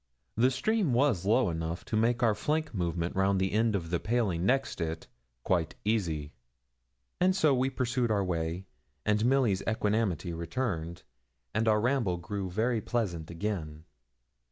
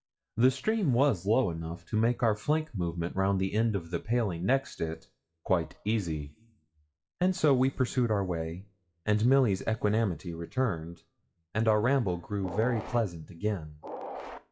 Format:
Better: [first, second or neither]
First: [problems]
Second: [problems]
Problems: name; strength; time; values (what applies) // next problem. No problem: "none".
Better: first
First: none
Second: noise reduction (classical method WPE with log-MMSE)